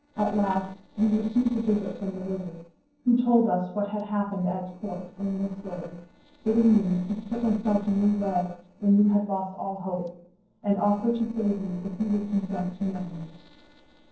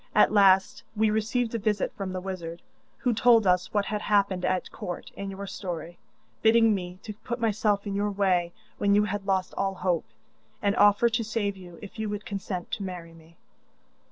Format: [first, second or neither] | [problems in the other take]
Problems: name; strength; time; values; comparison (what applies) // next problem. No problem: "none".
second | noise reduction (neural separator model SepFormer DNS4)